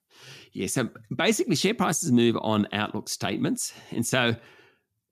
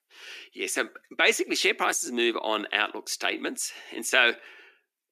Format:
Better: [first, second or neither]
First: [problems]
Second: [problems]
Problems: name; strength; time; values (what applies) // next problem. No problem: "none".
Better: first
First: none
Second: thin; very; fading below 300 Hz